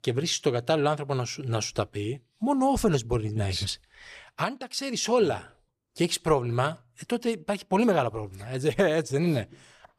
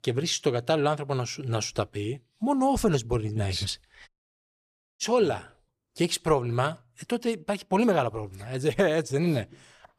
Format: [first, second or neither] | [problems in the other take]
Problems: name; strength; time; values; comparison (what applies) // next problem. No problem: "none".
first | audio cutting out; at 4 s for 1 s